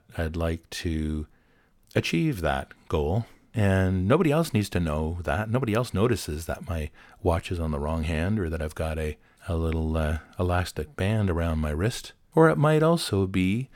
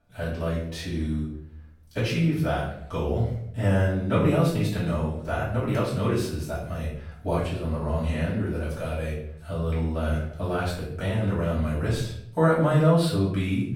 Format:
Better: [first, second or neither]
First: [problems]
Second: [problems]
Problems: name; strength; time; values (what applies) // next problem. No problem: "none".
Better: first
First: none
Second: off-mic speech; far // room echo; noticeable; dies away in 0.6 s